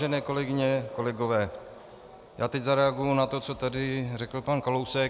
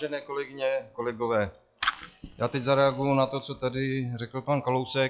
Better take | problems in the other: first | noise reduction (classical method log-MMSE)

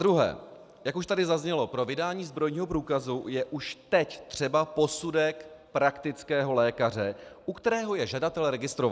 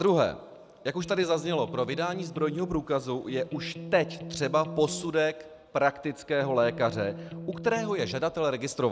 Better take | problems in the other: first | background sound (Electric guitar); 11 dB below the speech

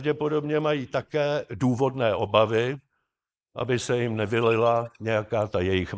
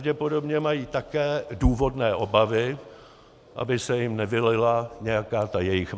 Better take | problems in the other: second | noise reduction (neural mask model Resemble Enhance denoiser)

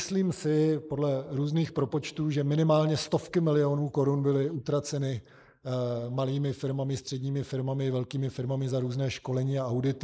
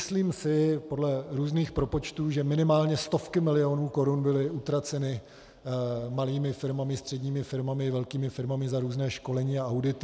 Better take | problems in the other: second | noise reduction (neural mask model Resemble Enhance denoiser)

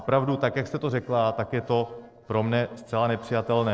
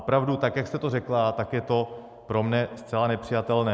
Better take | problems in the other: second | noise reduction (neural separator model SepFormer DNS4)

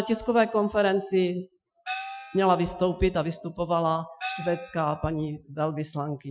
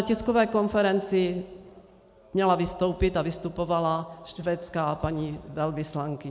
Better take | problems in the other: second | noise reduction (classical method Wiener filter)

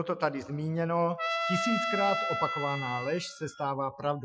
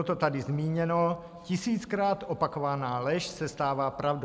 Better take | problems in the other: second | noise reduction (classical method Wiener filter)

